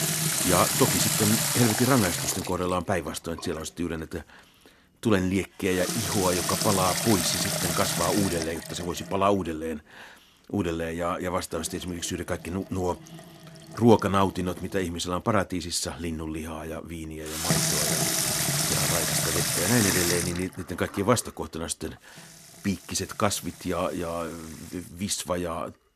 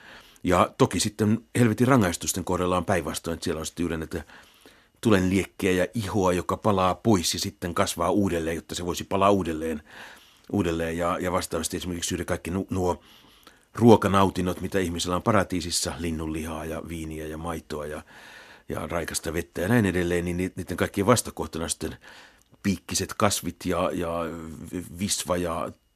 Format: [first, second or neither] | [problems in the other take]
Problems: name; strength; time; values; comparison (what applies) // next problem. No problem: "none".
second | household noises; very loud; throughout; 3 dB above the speech